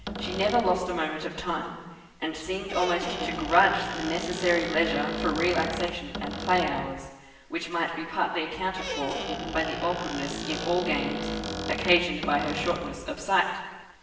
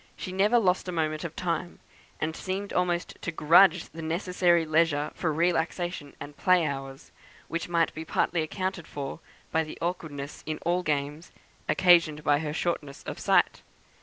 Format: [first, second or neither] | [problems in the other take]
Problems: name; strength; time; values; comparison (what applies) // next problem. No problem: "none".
second | background sound (Squeak); 7 dB below the speech // room echo; dies away in 1.2 s